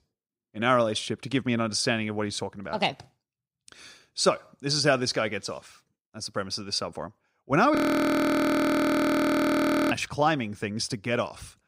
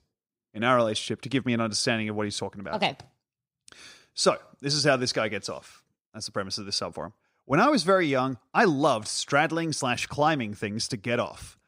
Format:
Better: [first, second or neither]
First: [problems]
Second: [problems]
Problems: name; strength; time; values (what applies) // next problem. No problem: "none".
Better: second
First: audio freezing; at 8 s for 2 s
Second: none